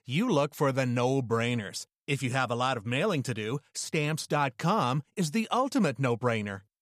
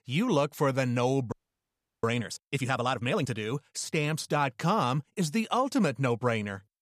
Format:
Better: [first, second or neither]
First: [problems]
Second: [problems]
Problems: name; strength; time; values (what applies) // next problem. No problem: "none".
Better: first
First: none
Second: audio freezing; at 1.5 s for 0.5 s